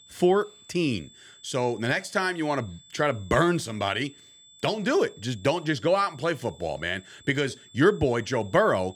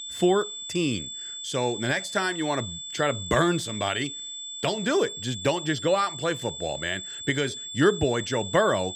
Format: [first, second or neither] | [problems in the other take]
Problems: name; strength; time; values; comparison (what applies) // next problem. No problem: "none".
first | high-pitched whine; loud; throughout; 3.5 kHz, 8 dB below the speech; faint in the first